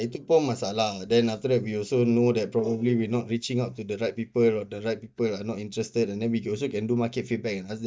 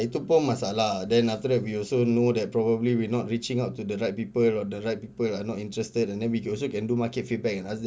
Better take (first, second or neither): second